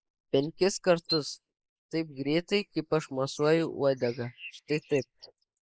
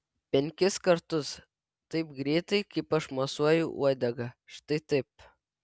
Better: second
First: noise reduction (neural mask model Resemble Enhance denoiser)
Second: none

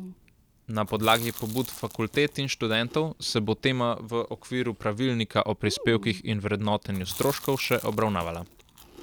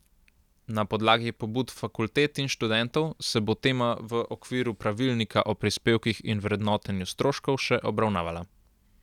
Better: second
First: background sound (Chewing, mastication); 16 dB below the speech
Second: none

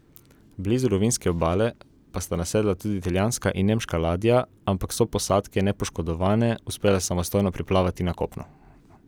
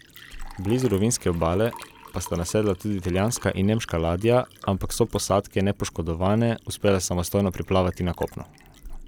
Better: first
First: none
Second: background sound (Liquid); 19 dB below the speech

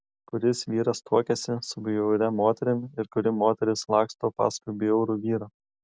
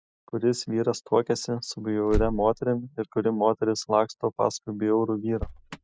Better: first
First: none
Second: noise reduction (classical method spectral subtraction)

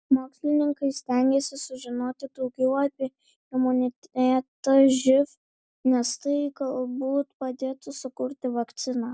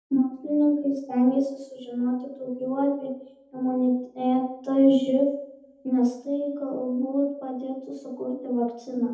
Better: first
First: none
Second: room echo; dies away in 0.7 s

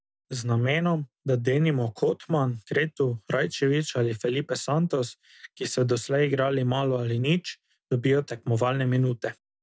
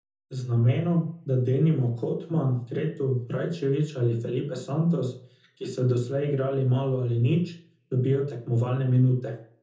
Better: first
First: none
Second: room echo; dies away in 0.5 s

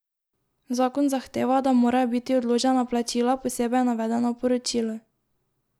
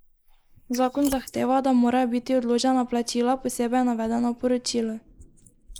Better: first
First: none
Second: noise reduction (neural mask model Resemble Enhance denoiser)

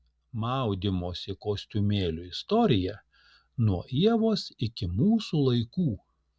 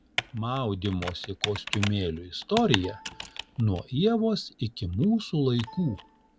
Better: first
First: none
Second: background sound (Computer keyboard); 10 dB below the speech

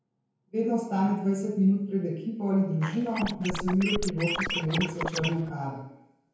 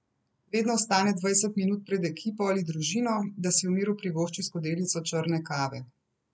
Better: second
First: background sound (Scratching (performance technique)); 5 dB below the speech // room echo; dies away in 0.9 s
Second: none

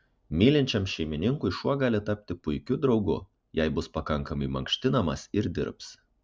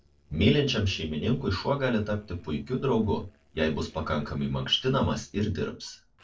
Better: first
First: none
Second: noise reduction (neural separator model SepFormer DNS4)

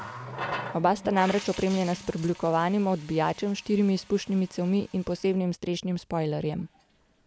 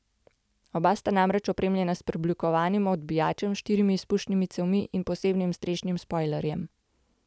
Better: second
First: background sound (Water tap, faucet); 15 dB below the speech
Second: none

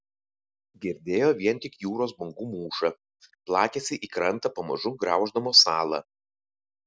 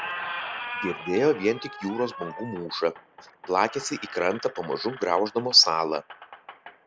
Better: first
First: none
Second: background sound (Squeak); 12 dB below the speech

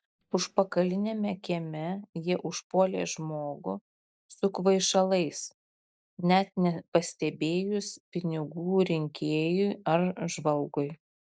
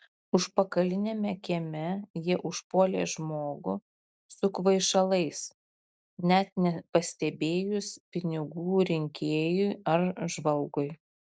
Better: second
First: noise reduction (neural mask model DeepFilterNet 3)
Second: none

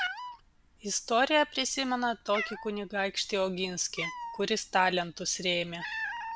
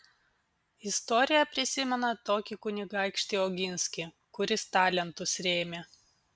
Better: second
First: background sound (Cat); 10 dB below the speech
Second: none

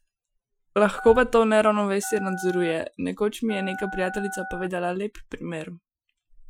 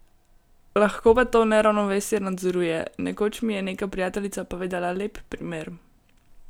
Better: second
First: noise reduction (classical method Wiener filter)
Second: none

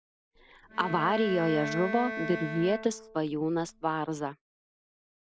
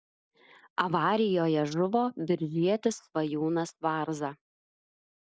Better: second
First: background sound (Bowed string instrument); 8 dB below the speech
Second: none

